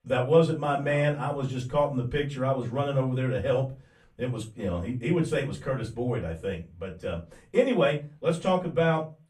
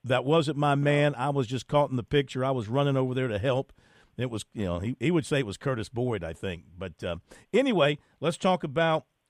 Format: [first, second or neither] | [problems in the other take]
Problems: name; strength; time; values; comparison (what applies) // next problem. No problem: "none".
second | off-mic speech; far // room echo; very slight; dies away in 0.2 s